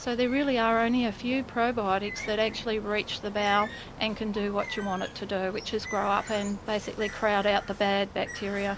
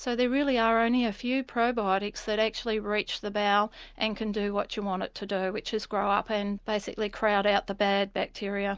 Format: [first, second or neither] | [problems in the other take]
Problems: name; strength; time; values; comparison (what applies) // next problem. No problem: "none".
second | background sound (Bird); 13 dB below the speech